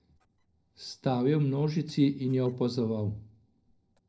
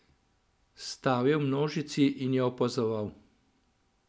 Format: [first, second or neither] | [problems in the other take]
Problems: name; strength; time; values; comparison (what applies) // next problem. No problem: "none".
second | noise reduction (neural separator model SepFormer DNS4)